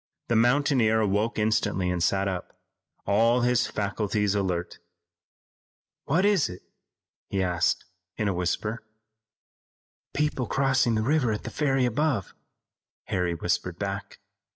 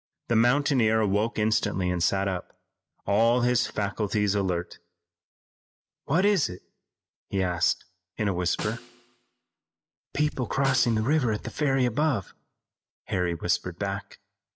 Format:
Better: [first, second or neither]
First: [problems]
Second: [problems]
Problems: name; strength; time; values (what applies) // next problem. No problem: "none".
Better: first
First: none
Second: background sound (Snare drum); 15 dB below the speech